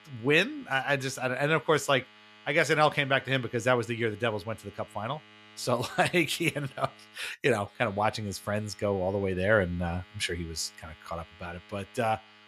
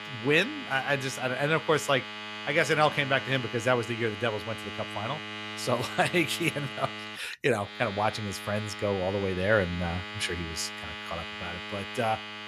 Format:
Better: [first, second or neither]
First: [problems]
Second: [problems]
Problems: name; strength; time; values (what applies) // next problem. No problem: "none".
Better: first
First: household noises; faint; throughout; 25 dB below the speech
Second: household noises; loud; throughout; 9 dB below the speech